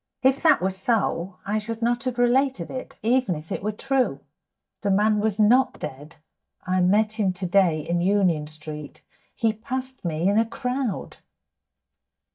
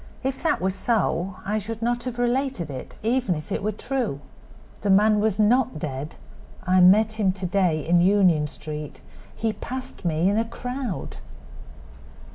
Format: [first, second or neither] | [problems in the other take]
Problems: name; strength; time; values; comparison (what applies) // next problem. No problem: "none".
second | noise reduction (neural mask model DeepFilterNet 3)